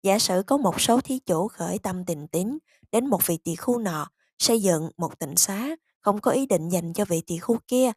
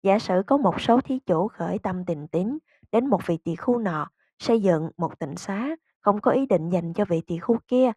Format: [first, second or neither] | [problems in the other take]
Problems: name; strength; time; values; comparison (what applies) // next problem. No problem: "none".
first | muffled; very; fading above 2 kHz